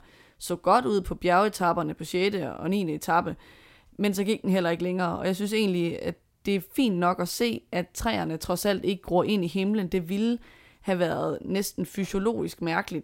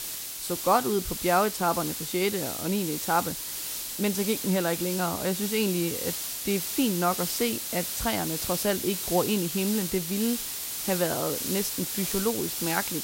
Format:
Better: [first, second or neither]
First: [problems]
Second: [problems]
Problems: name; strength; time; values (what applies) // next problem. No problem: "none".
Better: first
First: none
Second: hiss; loud; throughout; 2 dB below the speech